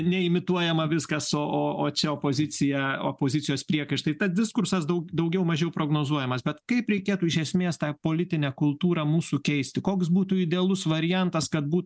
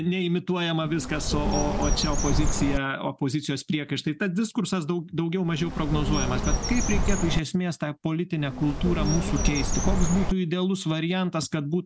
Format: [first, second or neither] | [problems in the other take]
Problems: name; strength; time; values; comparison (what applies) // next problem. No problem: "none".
first | background sound (Bird); 1 dB above the speech